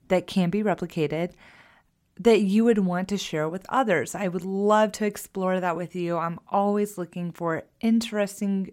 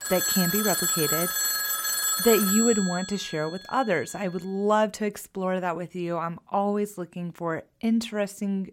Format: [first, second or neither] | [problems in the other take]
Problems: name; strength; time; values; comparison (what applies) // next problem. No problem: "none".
first | phone ringing; loud; until 3.5 s; peak 4 dB above the speech